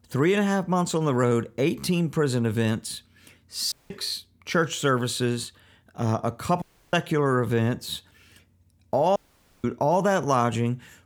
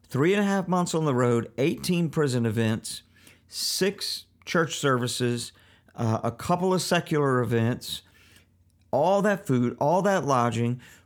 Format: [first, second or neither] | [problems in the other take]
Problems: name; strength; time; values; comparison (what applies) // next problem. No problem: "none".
second | audio cutting out; at 3.5 s, at 6.5 s and at 9 s